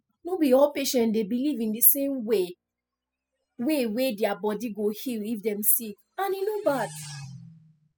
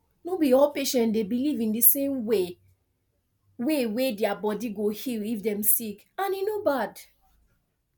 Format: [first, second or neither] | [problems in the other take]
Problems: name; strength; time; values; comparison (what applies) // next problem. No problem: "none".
second | noise reduction (classical method spectral subtraction)